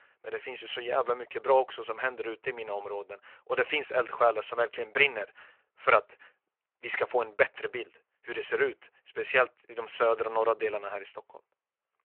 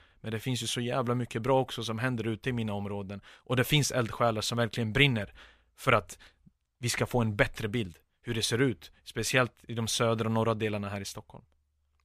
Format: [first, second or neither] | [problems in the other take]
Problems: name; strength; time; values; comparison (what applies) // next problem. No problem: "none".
second | phone-call audio